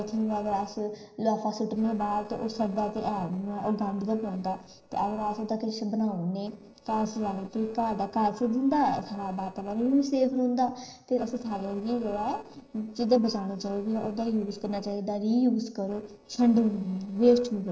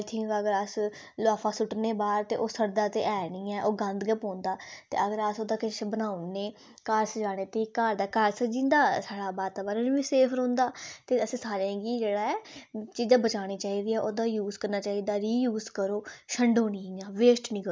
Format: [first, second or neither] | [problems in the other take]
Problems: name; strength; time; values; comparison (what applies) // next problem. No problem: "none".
second | noise reduction (neural separator model SepFormer DNS4)